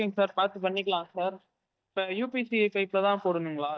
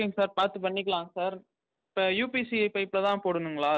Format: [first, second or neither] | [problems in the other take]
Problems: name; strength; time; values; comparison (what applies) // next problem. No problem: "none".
second | noise reduction (neural mask model DeepFilterNet 3)